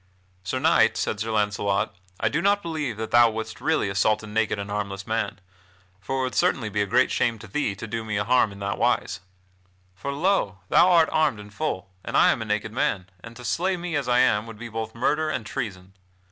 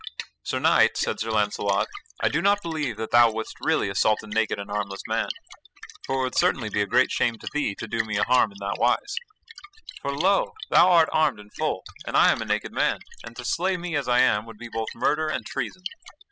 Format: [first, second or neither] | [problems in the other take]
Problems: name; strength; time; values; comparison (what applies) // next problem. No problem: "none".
first | noise reduction (classical method spectral subtraction)